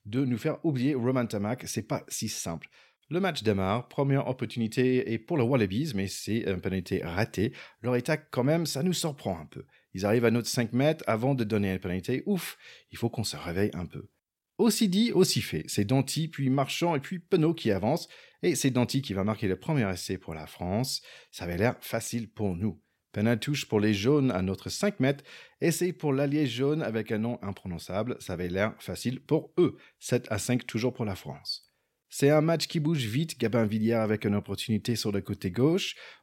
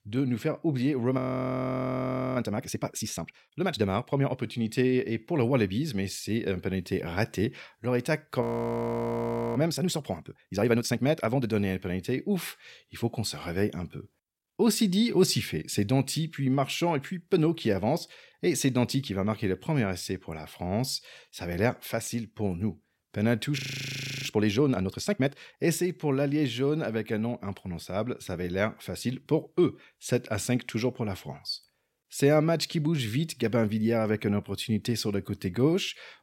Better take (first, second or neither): first